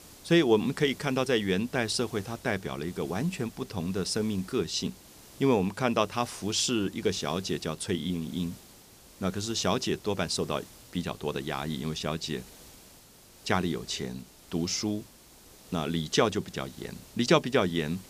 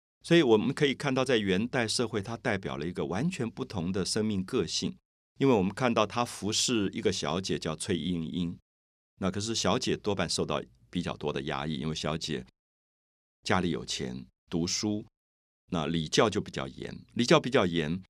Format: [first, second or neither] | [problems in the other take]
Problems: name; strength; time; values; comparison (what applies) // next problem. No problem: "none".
second | hiss; faint; throughout; 20 dB below the speech